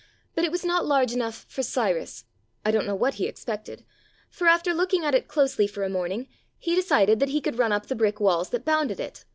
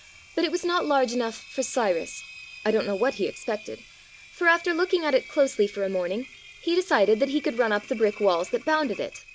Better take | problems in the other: first | background sound (Engine); 19 dB below the speech

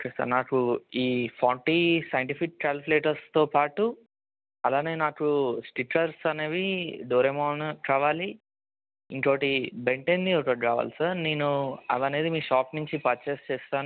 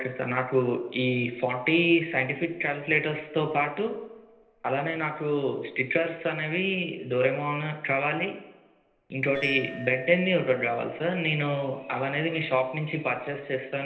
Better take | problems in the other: first | noise reduction (neural separator model SepFormer DNS4)

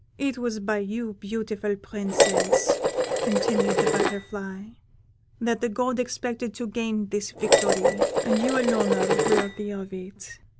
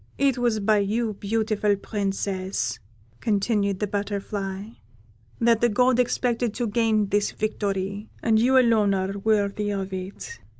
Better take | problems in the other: second | background sound (Dishes, pots, and pans); 5 dB above the speech

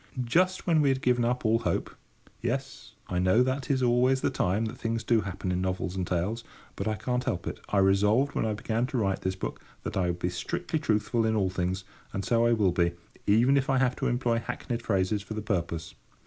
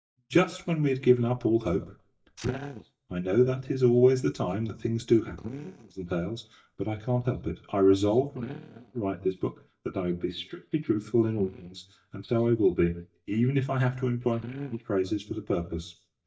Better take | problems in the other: first | noise reduction (neural mask model DeepFilterNet 3)

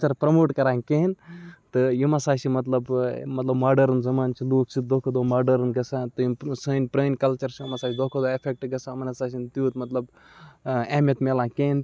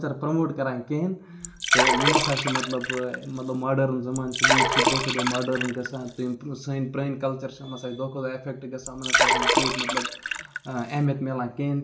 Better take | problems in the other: first | background sound (Liquid); 3 dB above the speech // room echo; dies away in 0.4 s

